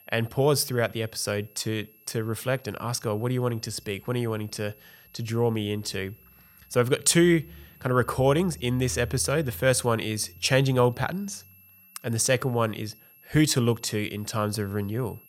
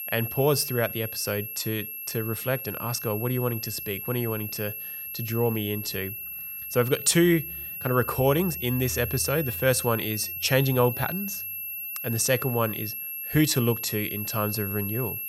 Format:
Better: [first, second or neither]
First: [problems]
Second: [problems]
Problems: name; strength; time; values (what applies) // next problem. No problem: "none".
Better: first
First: high-pitched whine; faint; throughout; 11.5 kHz, 25 dB below the speech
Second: high-pitched whine; loud; throughout; 11.5 kHz, 6 dB below the speech